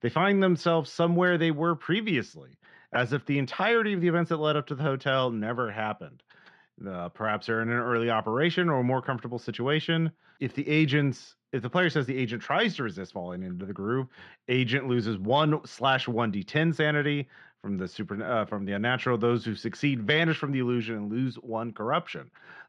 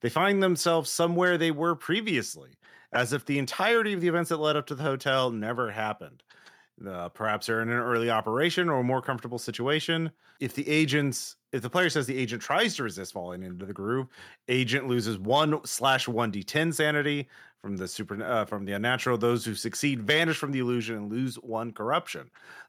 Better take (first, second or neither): second